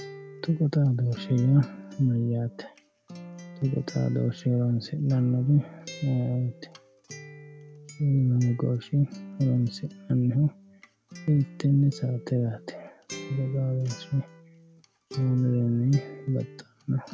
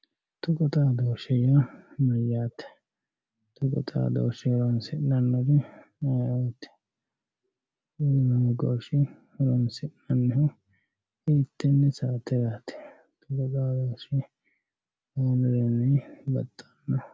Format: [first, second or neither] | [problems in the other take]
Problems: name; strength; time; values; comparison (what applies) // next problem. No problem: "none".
second | background sound (Acoustic guitar); 18 dB below the speech